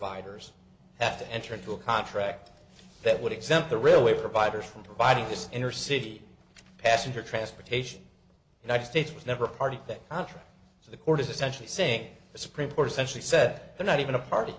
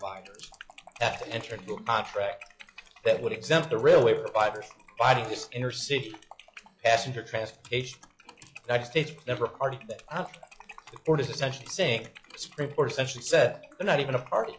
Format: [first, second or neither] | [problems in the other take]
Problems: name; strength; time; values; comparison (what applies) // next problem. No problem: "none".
first | noise reduction (classical method log-MMSE)